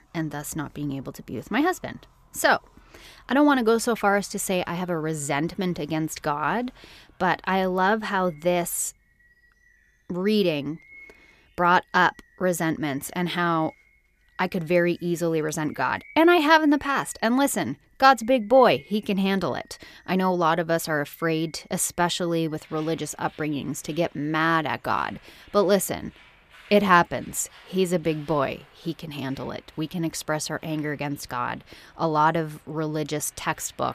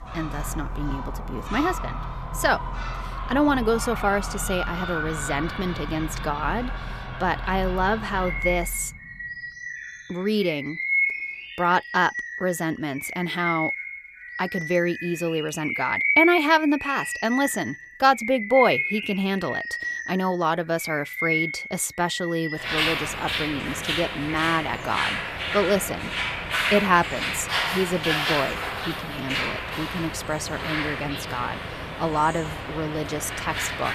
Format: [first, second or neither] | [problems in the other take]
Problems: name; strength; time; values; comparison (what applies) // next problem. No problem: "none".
first | animal sounds; loud; throughout; 3 dB below the speech; faint in the first